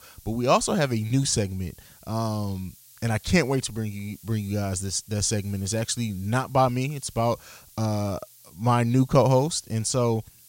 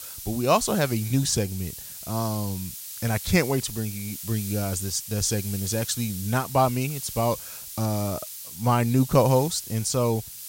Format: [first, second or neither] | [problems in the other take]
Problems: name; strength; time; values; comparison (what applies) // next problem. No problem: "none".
first | hiss; loud; throughout; 10 dB below the speech; faint in the first